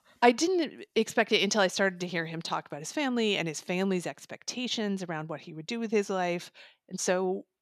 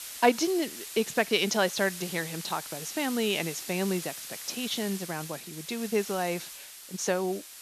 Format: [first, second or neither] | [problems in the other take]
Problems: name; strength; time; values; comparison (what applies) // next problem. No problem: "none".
first | hiss; loud; throughout; 9 dB below the speech